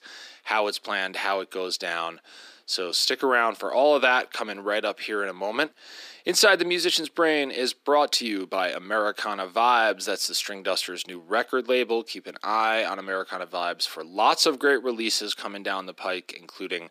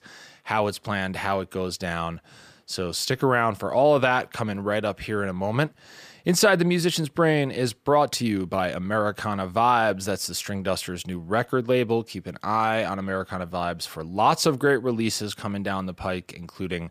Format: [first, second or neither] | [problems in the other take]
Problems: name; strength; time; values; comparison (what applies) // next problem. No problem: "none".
second | thin; somewhat; fading below 250 Hz